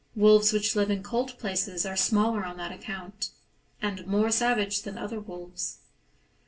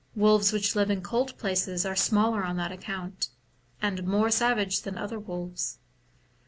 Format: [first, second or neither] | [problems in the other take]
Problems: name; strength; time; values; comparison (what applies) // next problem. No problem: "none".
second | room echo; dies away in 0.2 s